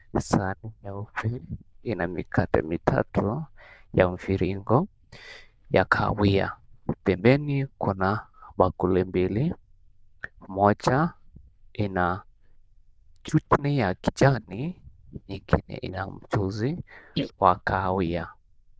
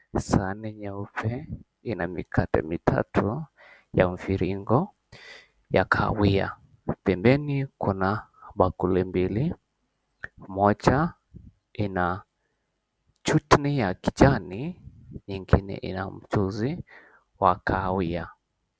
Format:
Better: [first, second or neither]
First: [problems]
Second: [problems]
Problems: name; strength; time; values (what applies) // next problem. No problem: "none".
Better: second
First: noise reduction (neural diffusion model UNIVERSE++)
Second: none